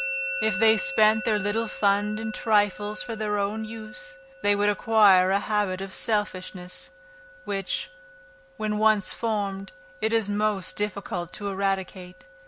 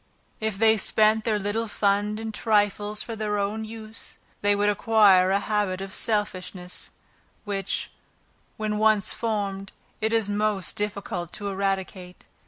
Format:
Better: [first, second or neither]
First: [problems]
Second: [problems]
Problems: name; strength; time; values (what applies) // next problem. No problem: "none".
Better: second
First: background sound (Musical instrument); 13 dB below the speech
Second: none